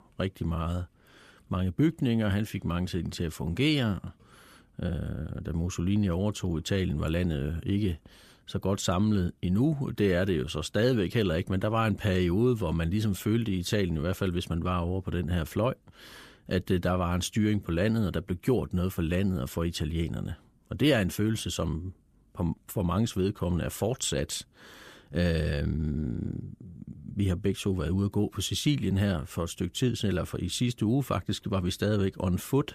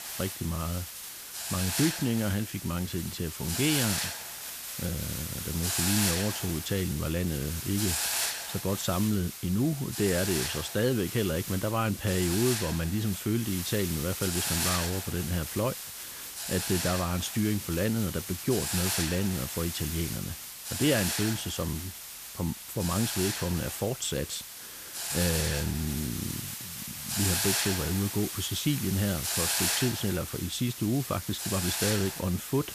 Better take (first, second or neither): first